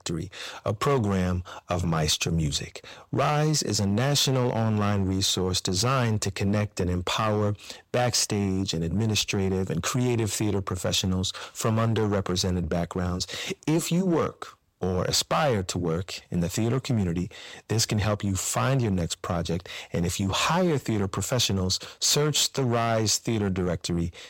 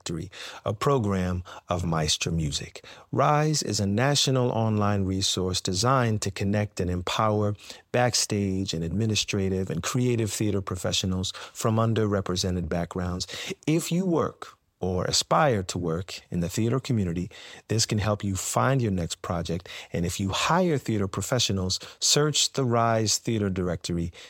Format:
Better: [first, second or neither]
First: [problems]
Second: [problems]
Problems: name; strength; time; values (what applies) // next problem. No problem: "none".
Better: second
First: distortion; slight; 7% of the sound clipped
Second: none